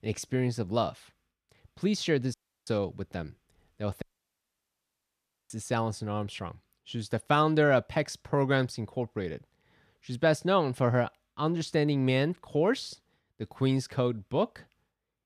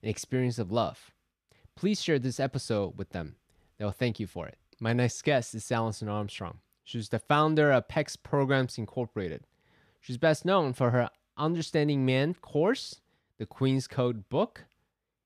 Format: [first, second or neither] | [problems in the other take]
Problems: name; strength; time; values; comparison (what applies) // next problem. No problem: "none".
second | audio cutting out; at 2.5 s and at 4 s for 1.5 s